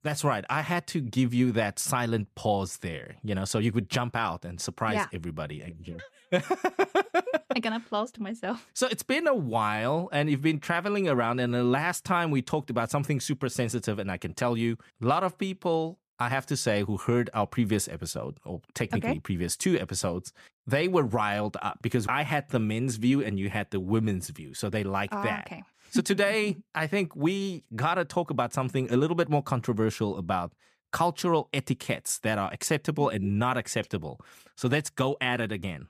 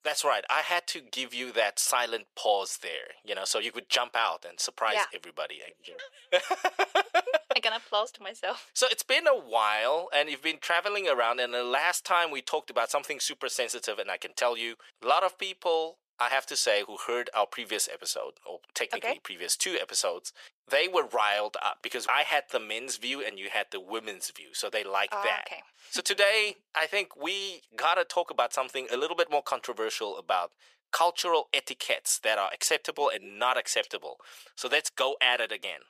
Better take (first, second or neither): first